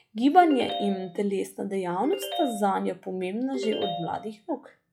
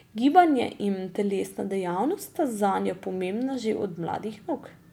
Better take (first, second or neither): second